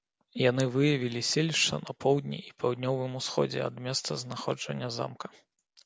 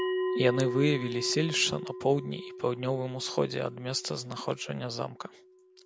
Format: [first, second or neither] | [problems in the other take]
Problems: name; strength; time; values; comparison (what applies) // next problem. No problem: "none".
first | background sound (Bell); 6 dB below the speech